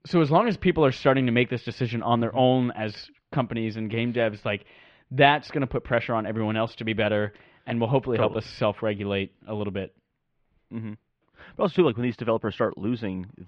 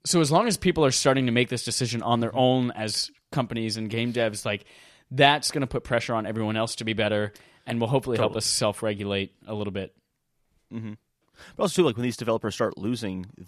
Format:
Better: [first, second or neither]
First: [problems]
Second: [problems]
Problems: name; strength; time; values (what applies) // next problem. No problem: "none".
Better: second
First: muffled; very; fading above 3 kHz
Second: none